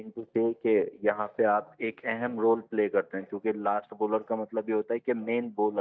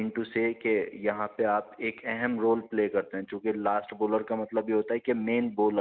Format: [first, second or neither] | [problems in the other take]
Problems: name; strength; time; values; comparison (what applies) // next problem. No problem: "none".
second | noise reduction (neural mask model DeepFilterNet 3)